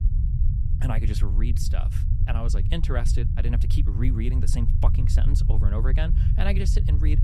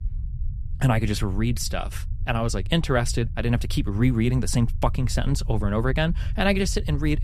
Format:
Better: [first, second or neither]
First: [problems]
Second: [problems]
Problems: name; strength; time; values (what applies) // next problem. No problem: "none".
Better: second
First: low rumble; loud; throughout; 5 dB below the speech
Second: low rumble; faint; throughout; 20 dB below the speech